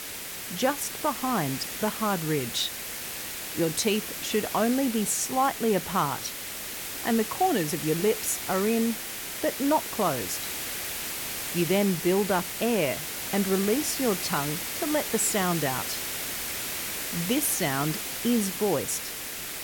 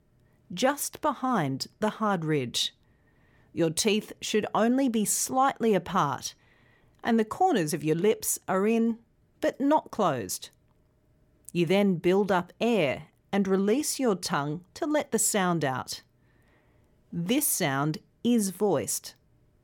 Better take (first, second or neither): second